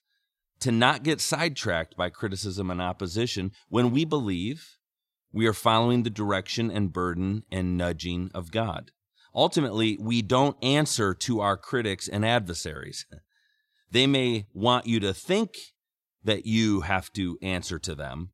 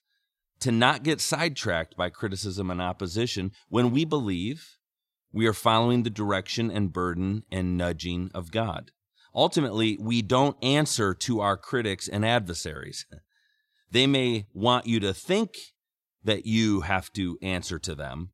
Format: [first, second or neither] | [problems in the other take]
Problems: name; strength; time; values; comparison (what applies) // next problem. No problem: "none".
neither | none